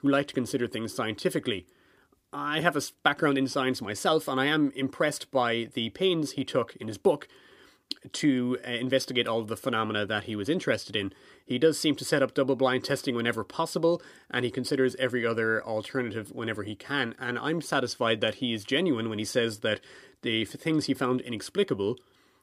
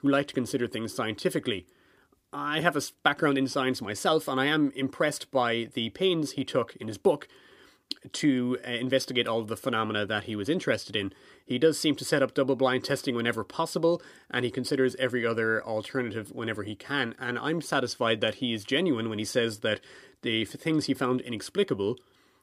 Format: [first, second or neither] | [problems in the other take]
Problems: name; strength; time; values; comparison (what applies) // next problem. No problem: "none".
neither | none